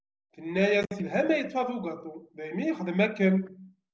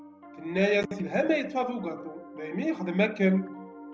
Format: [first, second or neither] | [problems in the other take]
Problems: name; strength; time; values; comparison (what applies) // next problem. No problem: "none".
first | background sound (Piano); 16 dB below the speech